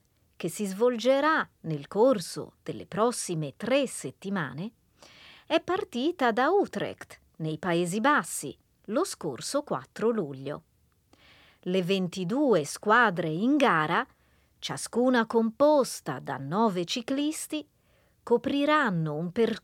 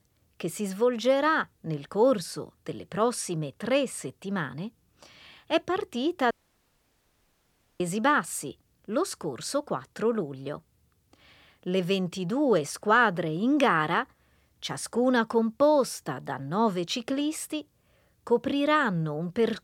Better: first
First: none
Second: audio cutting out; at 6.5 s for 1.5 s

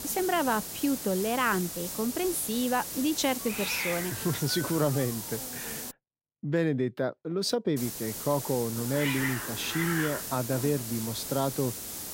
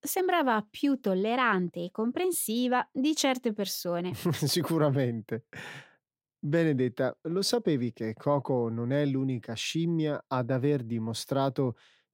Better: second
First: hiss; loud; until 6 s and from 8 s on; 4 dB below the speech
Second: none

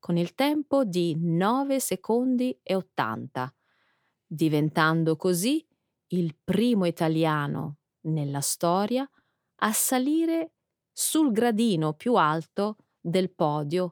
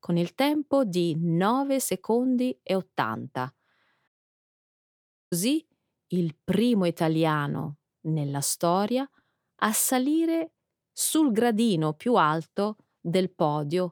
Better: first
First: none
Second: audio cutting out; at 4 s for 1 s

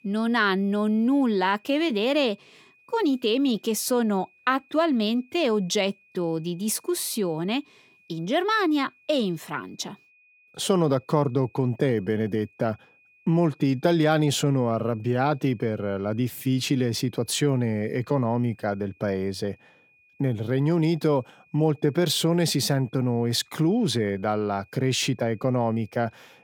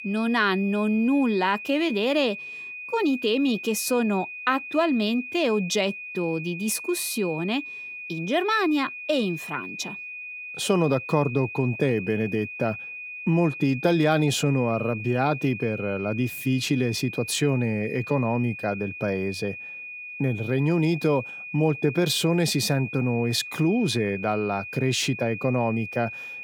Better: first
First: high-pitched whine; faint; throughout; 2.5 kHz, 35 dB below the speech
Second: high-pitched whine; loud; throughout; 2.5 kHz, 10 dB below the speech

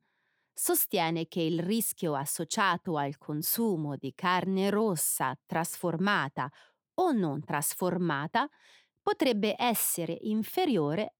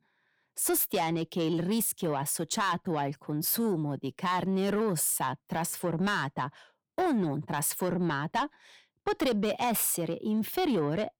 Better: first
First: none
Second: distortion; slight; 10 dB below the speech

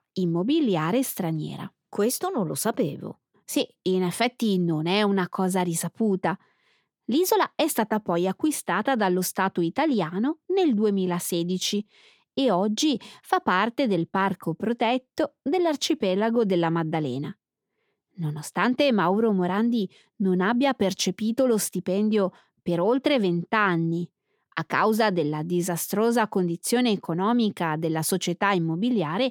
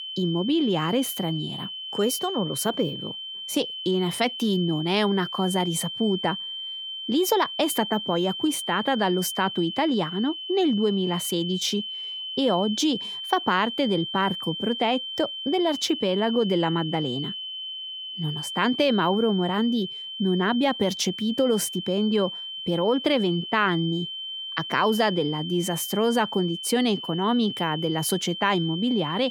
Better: first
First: none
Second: high-pitched whine; loud; throughout; 3 kHz, 7 dB below the speech

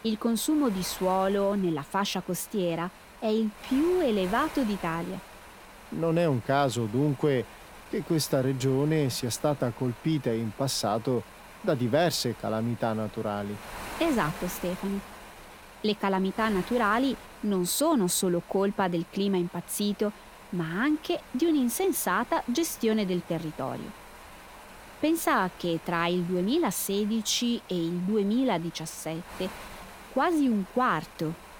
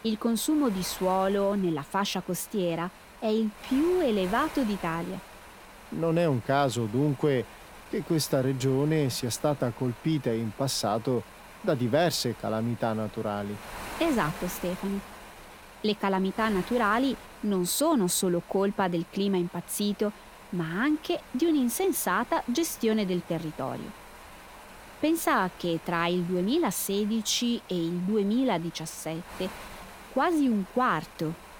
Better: neither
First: wind noise on the microphone; occasional gusts; 15 dB below the speech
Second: wind noise on the microphone; occasional gusts; 15 dB below the speech

